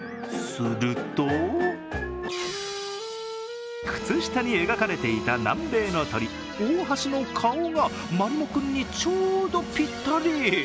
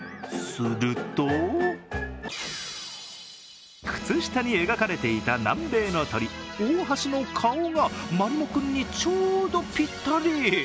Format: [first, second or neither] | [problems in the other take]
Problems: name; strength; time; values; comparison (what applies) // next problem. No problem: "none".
second | background sound (Wind instrument, woodwind instrument); 11 dB below the speech